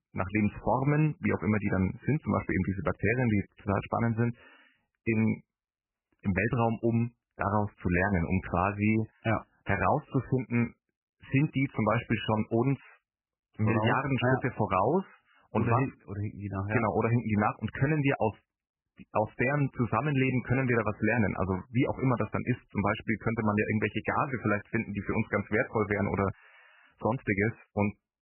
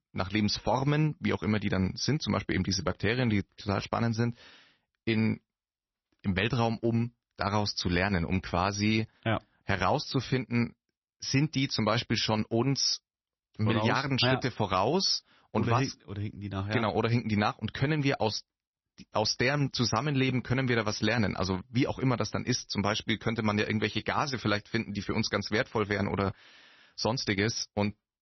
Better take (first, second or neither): second